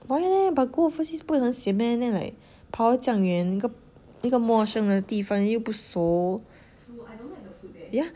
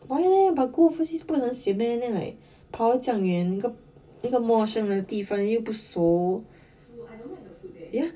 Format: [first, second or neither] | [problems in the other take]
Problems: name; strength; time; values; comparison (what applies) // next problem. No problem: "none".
first | room echo; dies away in 0.1 s